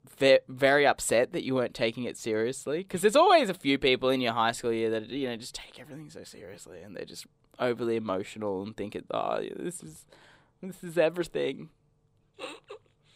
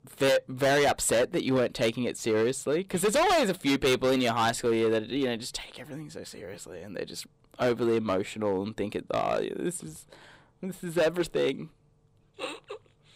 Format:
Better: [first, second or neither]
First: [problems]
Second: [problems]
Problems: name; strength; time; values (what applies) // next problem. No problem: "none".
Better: first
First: none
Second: distortion; heavy; 9% of the sound clipped